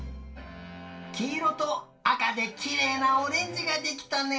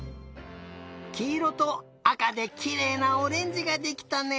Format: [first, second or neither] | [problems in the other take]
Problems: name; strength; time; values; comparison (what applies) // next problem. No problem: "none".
second | room echo; dies away in 0.3 s